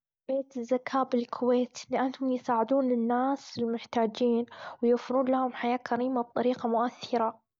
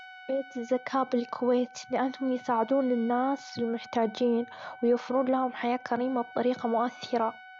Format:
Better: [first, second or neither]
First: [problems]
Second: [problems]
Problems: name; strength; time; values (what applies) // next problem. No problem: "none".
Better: first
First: none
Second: background sound (Trumpet); 19 dB below the speech